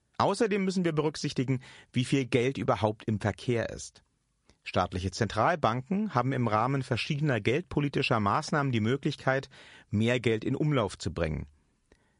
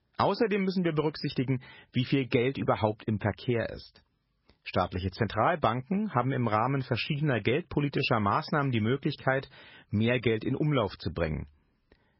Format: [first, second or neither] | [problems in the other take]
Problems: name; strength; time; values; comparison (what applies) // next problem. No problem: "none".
first | garbled, watery; badly; nothing above 5.5 kHz; slightly in the first